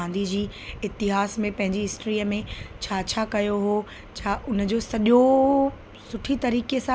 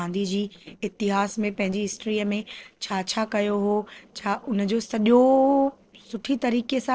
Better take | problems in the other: first | noise reduction (neural separator model SepFormer DNS4)

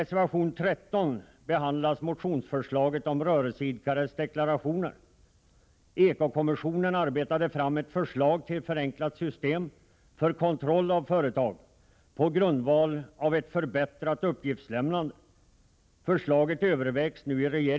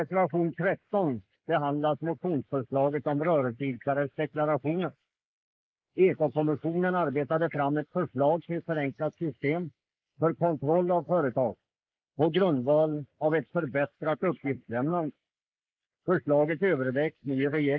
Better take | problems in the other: first | noise reduction (neural mask model Resemble Enhance denoiser)

